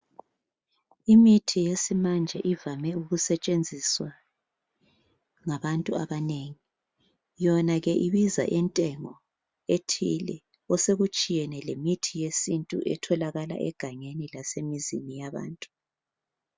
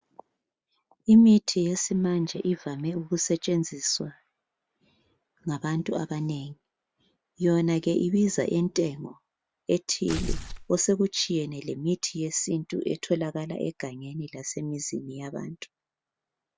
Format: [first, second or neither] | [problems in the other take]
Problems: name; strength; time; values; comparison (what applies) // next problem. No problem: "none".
first | background sound (Tearing); 5 dB below the speech